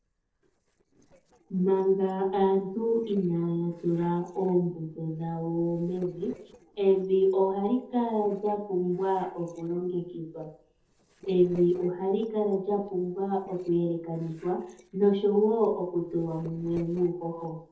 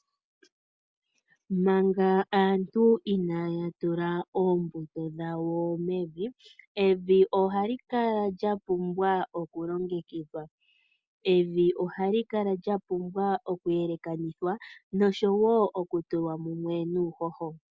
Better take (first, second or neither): second